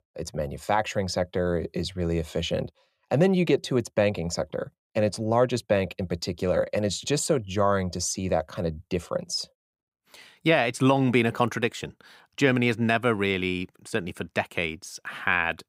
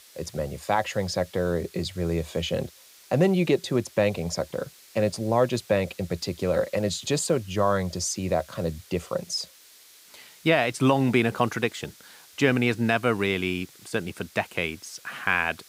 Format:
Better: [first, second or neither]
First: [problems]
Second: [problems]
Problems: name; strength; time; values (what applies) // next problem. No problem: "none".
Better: first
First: none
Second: hiss; faint; throughout; 25 dB below the speech